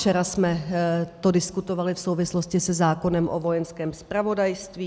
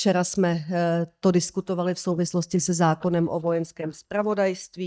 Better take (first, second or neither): first